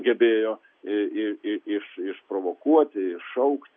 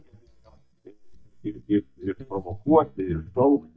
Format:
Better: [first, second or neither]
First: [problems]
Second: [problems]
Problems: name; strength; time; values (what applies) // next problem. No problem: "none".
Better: first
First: none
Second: noise reduction (neural mask model DeepFilterNet 3)